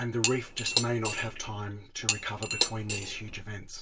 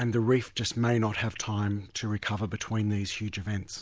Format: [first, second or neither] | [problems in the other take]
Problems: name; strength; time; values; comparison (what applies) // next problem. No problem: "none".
second | background sound (Cutlery, silverware / Dishes, pots, and pans); 1 dB above the speech // room echo; dies away in 0.1 s